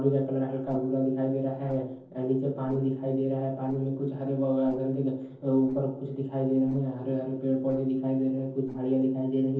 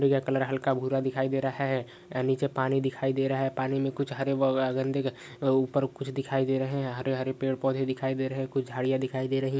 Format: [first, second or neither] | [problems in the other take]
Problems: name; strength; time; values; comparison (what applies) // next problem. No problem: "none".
second | noise reduction (neural separator model SepFormer DNS4)